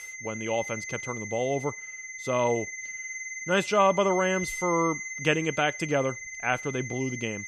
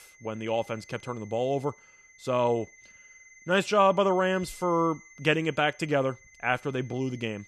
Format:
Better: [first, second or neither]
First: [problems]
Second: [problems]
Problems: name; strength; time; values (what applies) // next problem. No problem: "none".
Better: second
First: high-pitched whine; loud; throughout; 2 kHz, 7 dB below the speech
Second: high-pitched whine; faint; throughout; 2 kHz, 25 dB below the speech